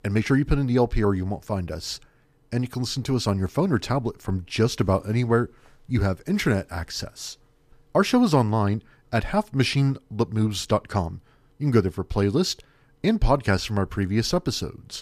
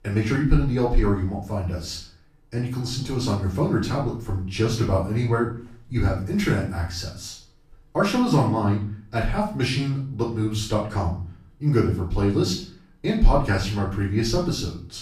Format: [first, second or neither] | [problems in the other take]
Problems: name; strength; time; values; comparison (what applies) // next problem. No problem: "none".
first | off-mic speech; far // room echo; noticeable; dies away in 0.4 s